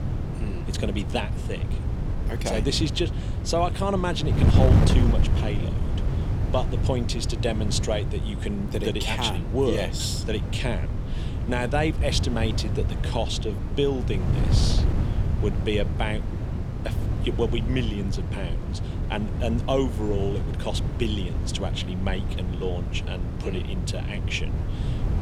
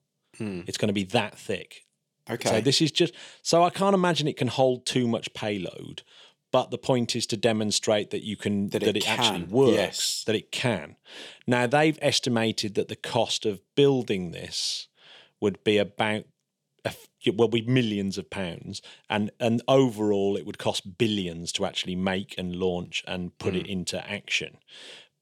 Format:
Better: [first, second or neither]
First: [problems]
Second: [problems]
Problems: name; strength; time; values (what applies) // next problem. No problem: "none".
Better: second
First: wind noise on the microphone; heavy; 8 dB below the speech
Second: none